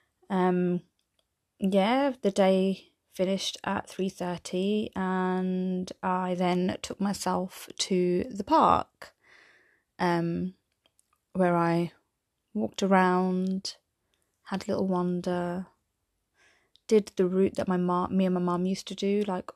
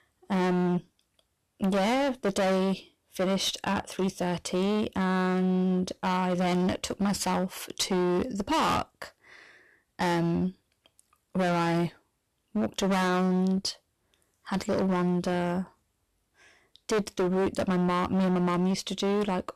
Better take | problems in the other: first | distortion; heavy; 21% of the sound clipped

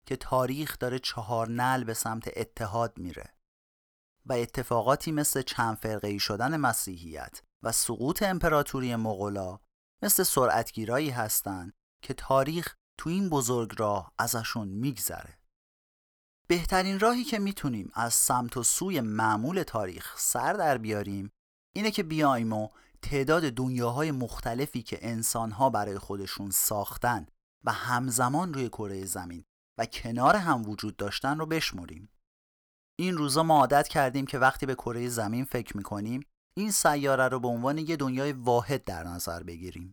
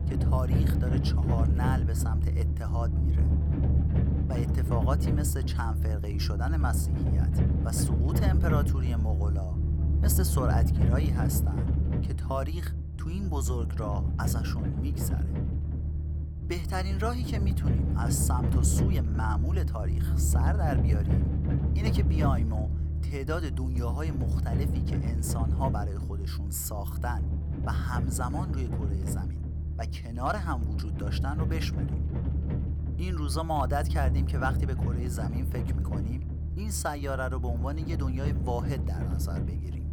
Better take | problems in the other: first | low rumble; loud; throughout; 4 dB below the speech

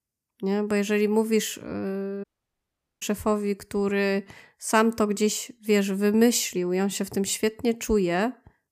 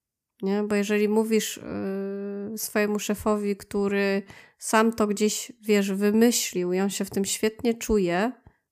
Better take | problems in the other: second | audio cutting out; at 2 s for 1 s

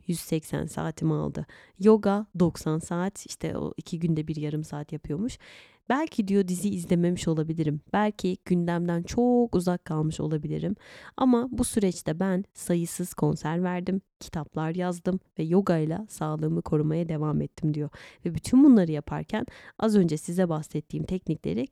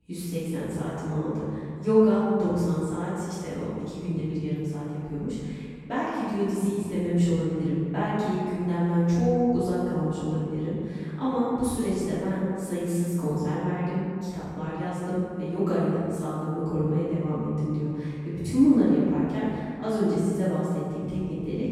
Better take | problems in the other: first | off-mic speech; far // room echo; strong; dies away in 2 s

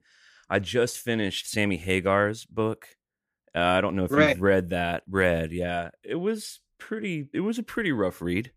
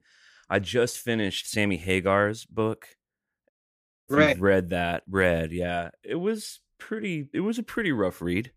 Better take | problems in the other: first | audio cutting out; at 3.5 s for 0.5 s

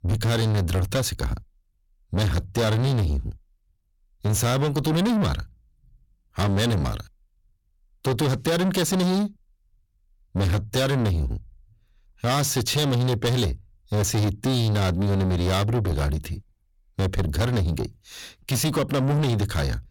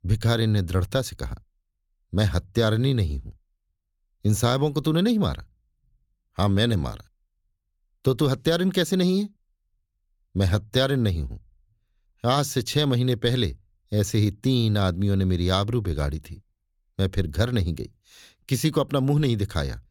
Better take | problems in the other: second | distortion; heavy; 6 dB below the speech

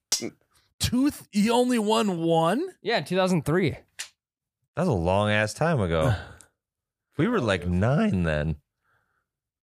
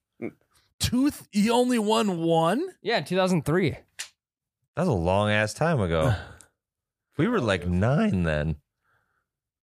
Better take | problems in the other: second | clattering dishes; noticeable; at the start; peak 3 dB below the speech

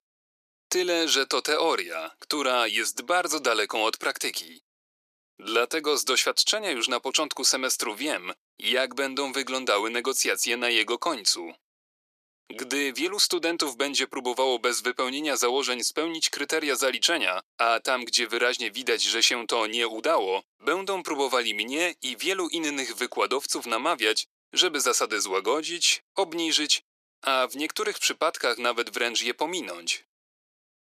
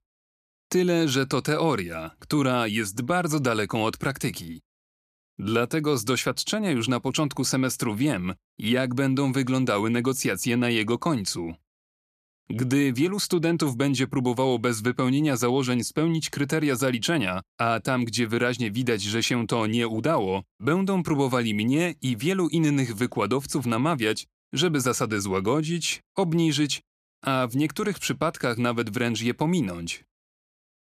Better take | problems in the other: second | thin; very; fading below 400 Hz

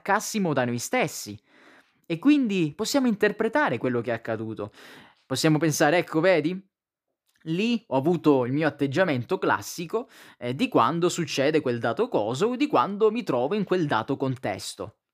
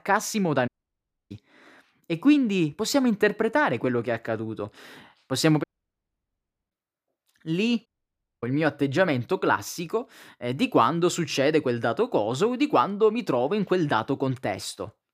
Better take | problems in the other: first | audio cutting out; at 0.5 s for 0.5 s, at 5.5 s for 1 s and at 8 s for 0.5 s

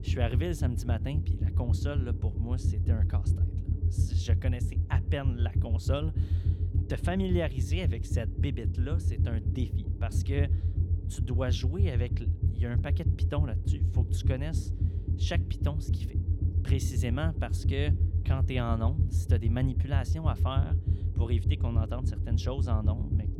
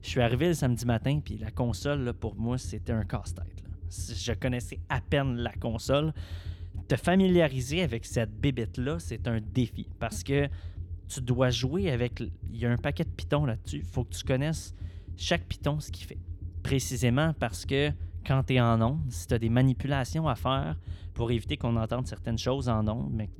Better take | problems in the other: second | low rumble; loud; throughout; 6 dB below the speech; faint in the second

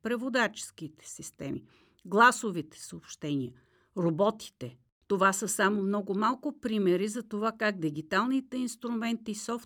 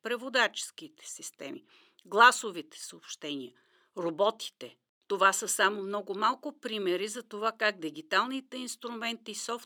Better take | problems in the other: first | thin; somewhat; fading below 450 Hz

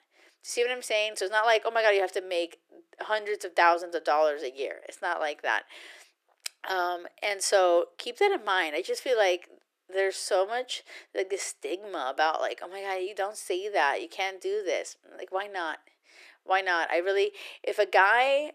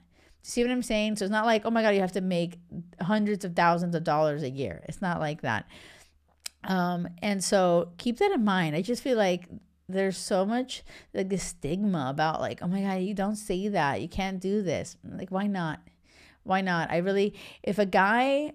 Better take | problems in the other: second | thin; very; fading below 350 Hz

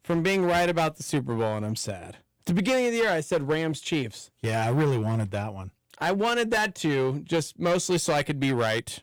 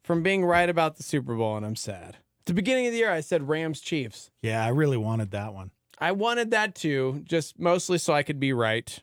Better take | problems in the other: second | distortion; slight; 10% of the sound clipped

